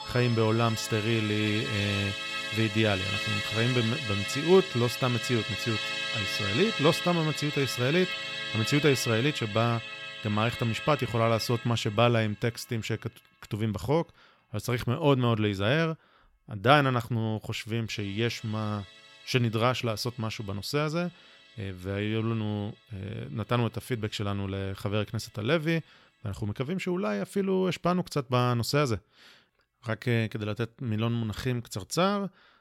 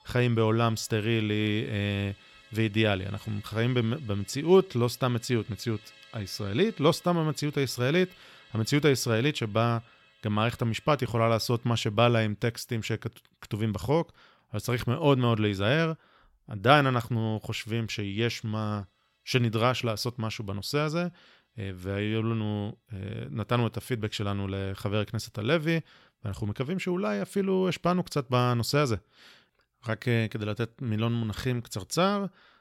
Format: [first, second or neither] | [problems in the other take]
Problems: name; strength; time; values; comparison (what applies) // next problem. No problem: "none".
second | background music; loud; throughout; 4 dB below the speech; faint in the second